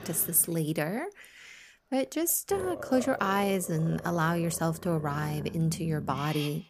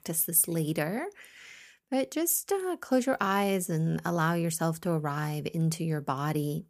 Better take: second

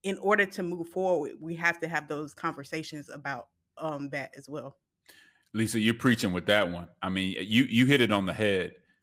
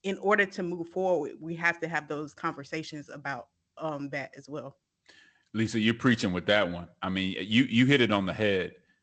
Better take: first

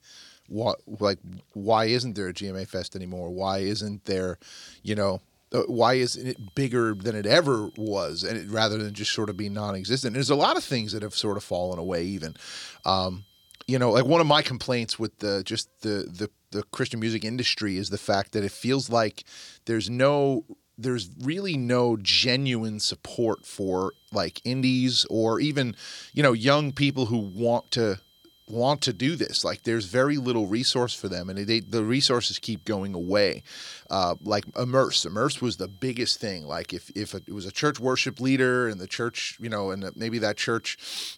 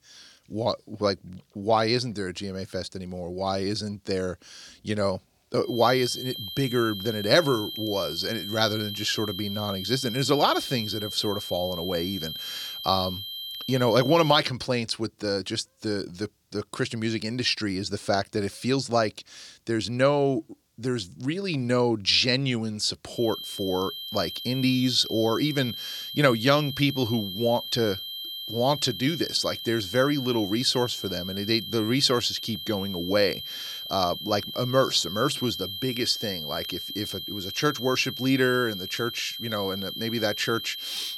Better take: first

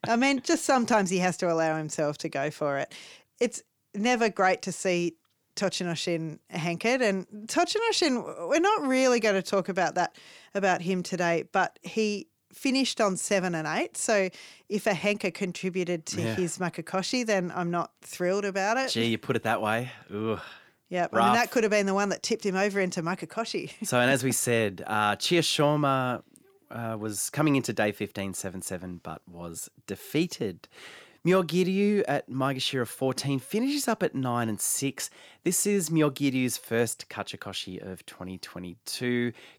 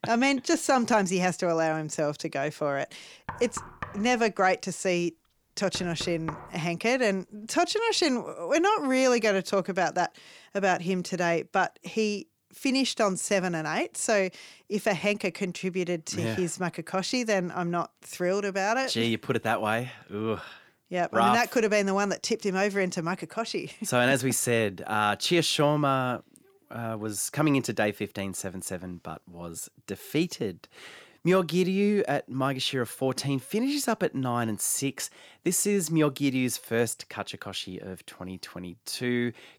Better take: first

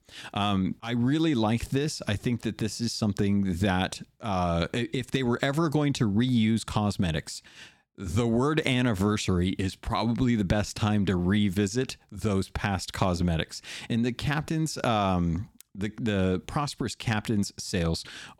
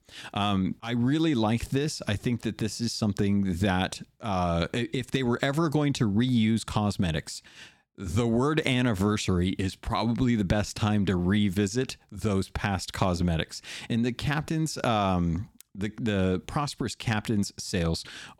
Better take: neither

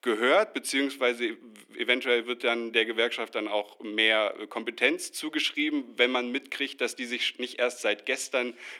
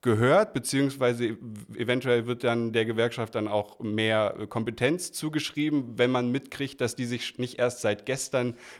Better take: second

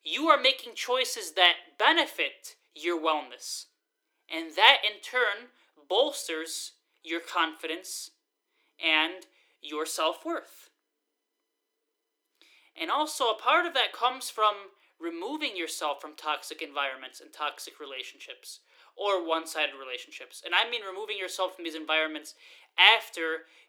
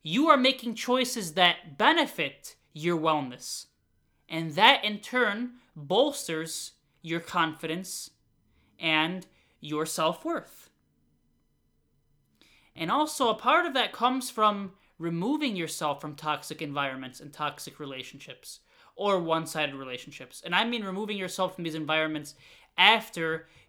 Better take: second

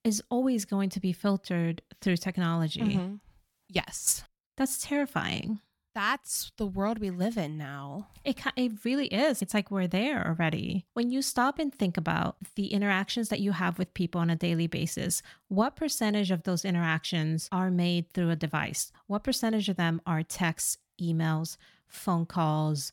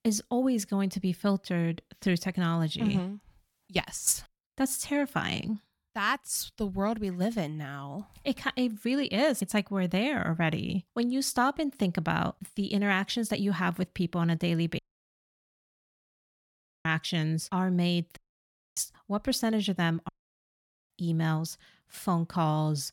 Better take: first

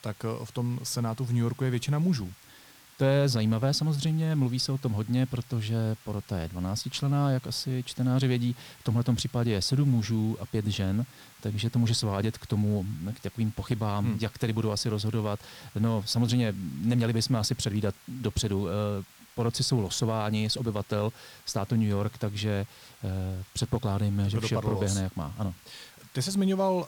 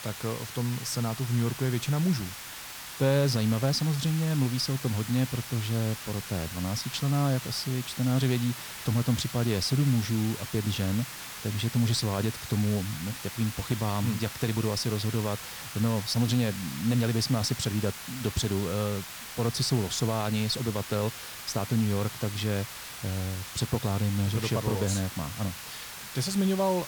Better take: first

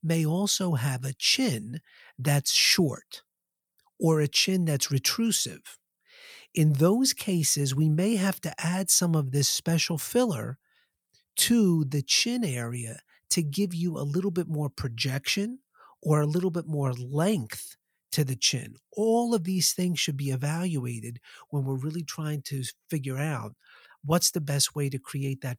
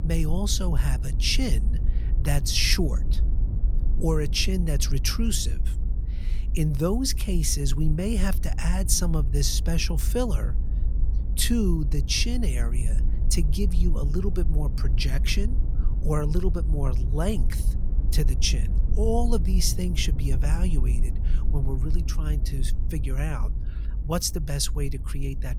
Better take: first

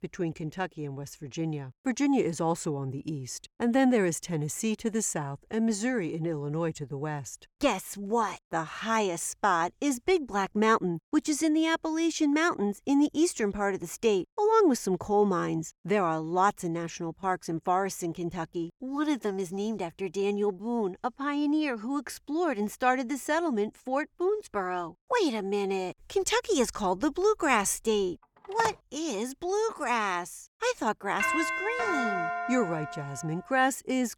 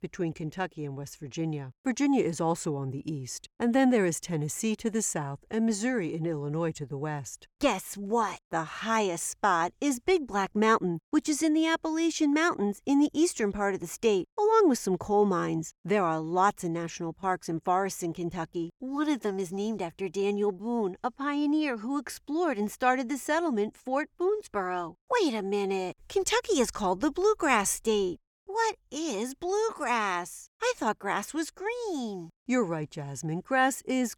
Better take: second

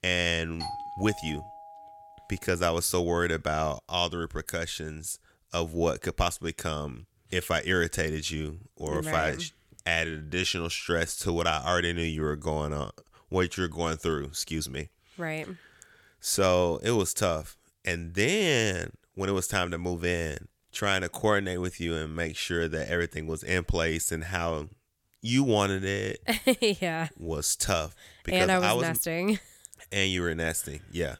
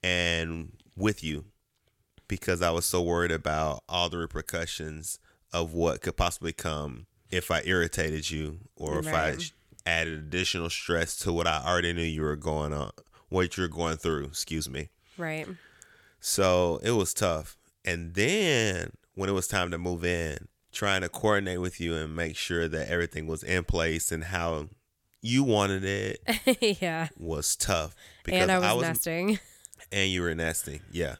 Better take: second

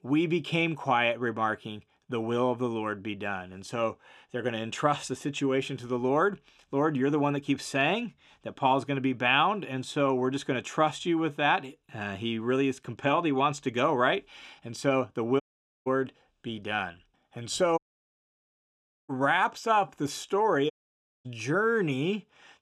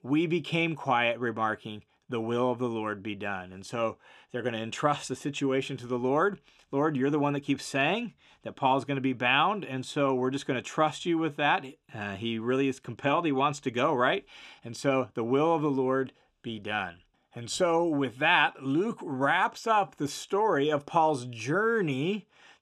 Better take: second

